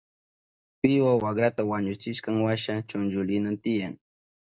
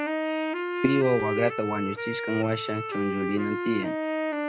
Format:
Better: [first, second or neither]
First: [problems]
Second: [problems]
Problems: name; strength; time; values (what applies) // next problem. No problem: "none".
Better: first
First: none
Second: background sound (Wind instrument, woodwind instrument); 1 dB below the speech